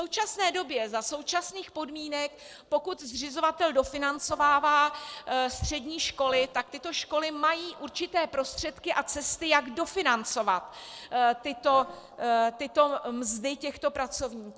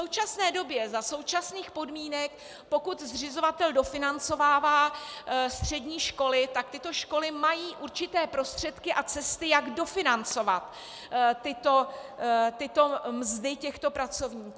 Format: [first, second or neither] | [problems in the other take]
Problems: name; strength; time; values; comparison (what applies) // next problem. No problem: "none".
second | noise reduction (neural separator model SepFormer DNS4)